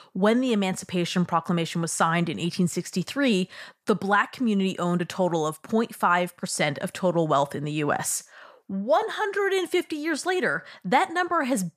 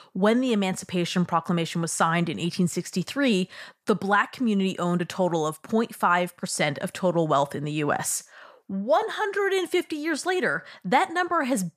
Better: neither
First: none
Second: none

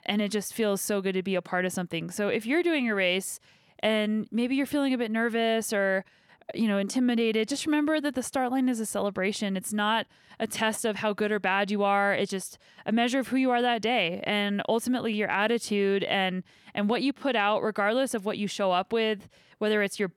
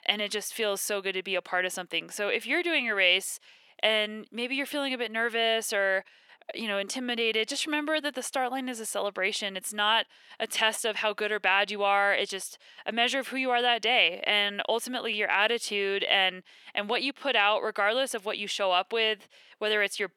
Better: first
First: none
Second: thin; somewhat; fading below 450 Hz

